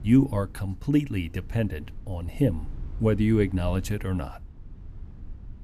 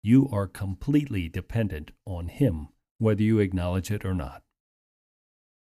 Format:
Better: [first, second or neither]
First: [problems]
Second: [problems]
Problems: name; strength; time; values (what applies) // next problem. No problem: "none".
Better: second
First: low rumble; faint; throughout; 25 dB below the speech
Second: none